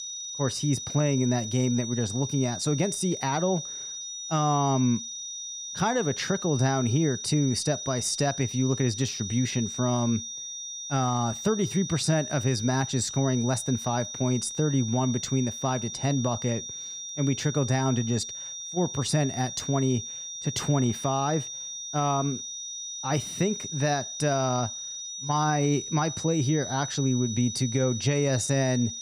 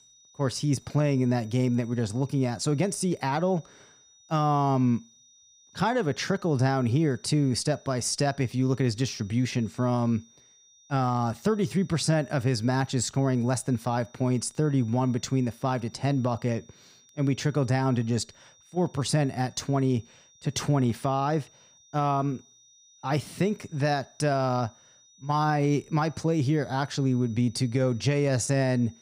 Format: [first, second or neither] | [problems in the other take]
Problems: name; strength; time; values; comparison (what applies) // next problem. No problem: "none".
second | high-pitched whine; loud; throughout; 6 kHz, 7 dB below the speech; faint in the second